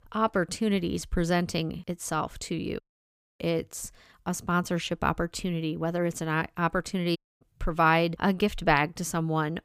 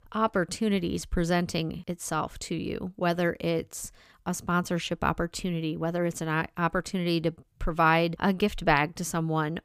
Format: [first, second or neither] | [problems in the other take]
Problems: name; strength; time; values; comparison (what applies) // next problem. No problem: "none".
second | audio cutting out; at 3 s for 0.5 s and at 7 s